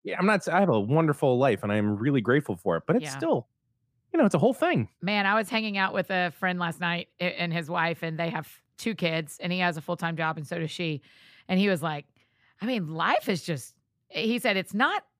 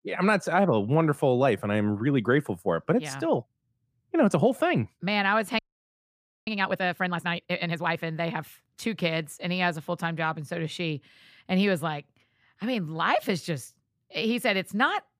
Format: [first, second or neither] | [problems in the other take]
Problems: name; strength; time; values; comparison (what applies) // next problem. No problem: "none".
first | audio freezing; at 5.5 s for 1 s